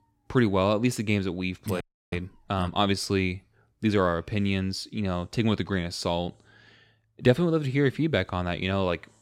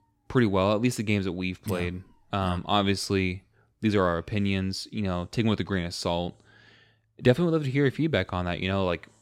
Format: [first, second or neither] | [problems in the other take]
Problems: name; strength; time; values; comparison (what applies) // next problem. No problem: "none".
second | audio freezing; at 2 s